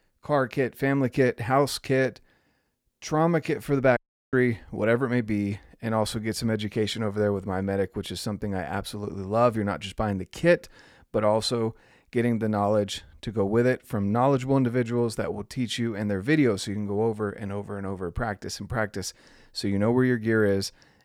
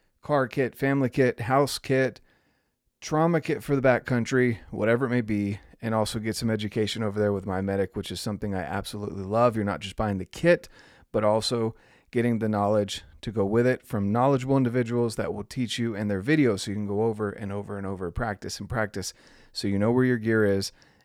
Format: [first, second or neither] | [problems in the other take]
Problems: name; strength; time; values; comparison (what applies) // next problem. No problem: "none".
second | audio cutting out; at 4 s